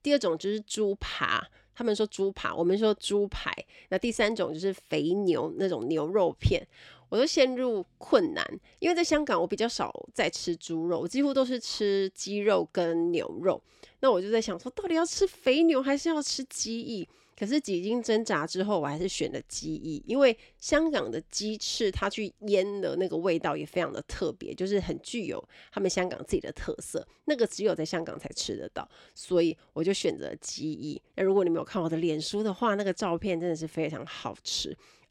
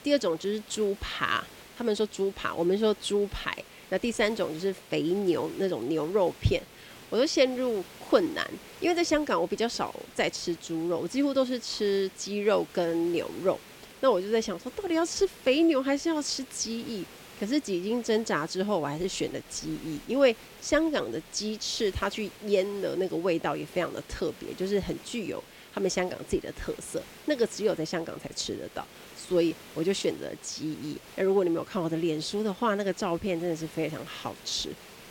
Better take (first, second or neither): first